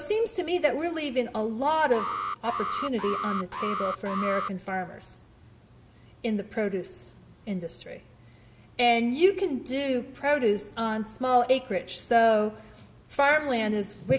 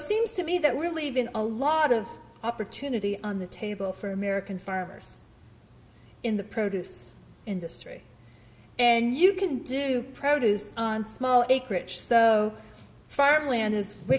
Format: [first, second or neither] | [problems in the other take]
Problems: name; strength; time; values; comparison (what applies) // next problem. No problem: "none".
second | background sound (Alarm); 6 dB below the speech